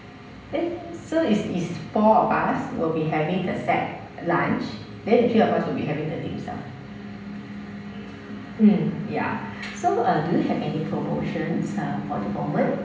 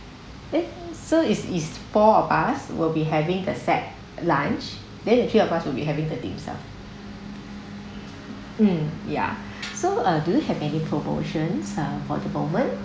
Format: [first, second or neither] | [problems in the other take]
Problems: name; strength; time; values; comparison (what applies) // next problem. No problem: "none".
second | room echo; dies away in 0.8 s